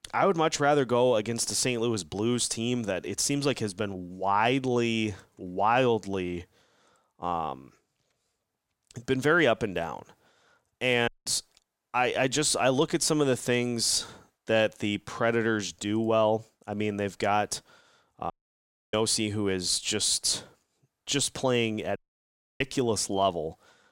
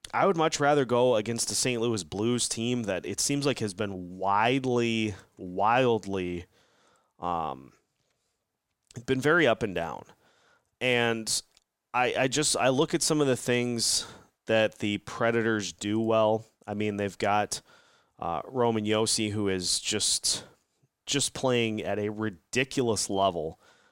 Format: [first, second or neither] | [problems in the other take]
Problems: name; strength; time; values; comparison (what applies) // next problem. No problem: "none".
second | audio cutting out; at 11 s, at 18 s for 0.5 s and at 22 s for 0.5 s